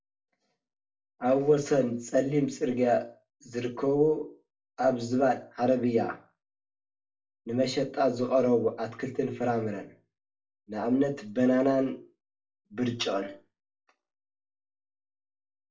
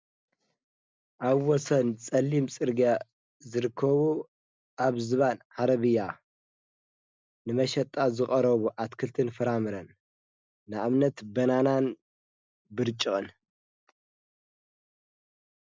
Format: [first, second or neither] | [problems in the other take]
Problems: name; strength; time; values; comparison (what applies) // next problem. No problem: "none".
second | room echo; dies away in 0.3 s